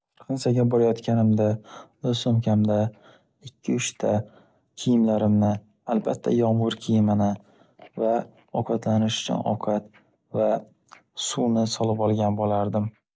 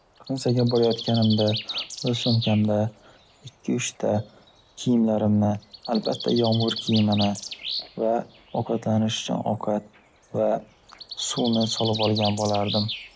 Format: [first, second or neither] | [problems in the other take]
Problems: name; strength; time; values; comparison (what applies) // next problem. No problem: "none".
first | background sound (Bird); 11 dB below the speech